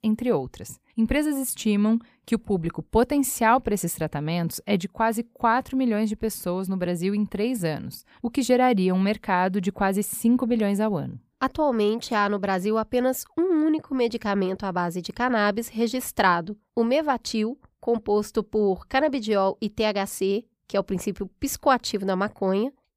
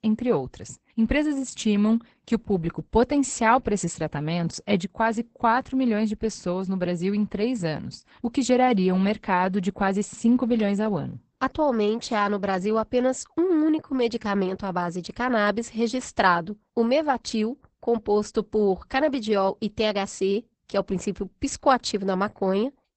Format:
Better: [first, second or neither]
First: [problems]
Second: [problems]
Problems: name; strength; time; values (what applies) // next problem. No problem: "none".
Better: first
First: none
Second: garbled, watery; badly; nothing above 8 kHz